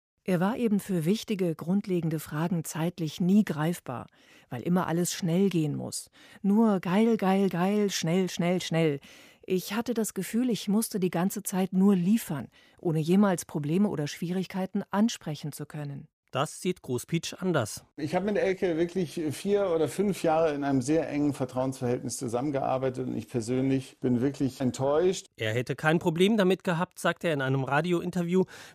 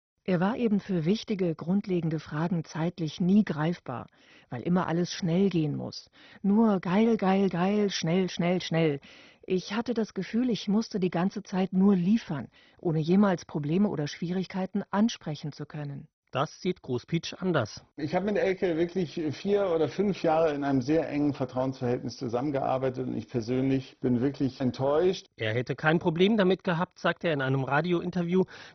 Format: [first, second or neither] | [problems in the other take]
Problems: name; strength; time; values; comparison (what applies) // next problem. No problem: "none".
first | garbled, watery; badly; nothing above 6 kHz